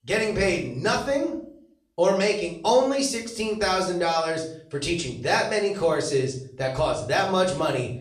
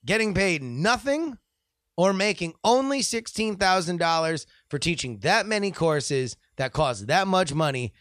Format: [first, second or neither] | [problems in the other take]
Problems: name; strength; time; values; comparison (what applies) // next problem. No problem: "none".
second | room echo; slight; dies away in 0.5 s // off-mic speech; far